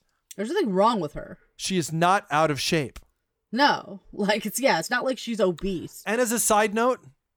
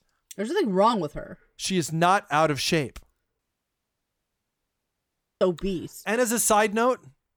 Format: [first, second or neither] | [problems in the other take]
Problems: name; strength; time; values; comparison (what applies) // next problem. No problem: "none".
first | audio cutting out; at 3.5 s for 2 s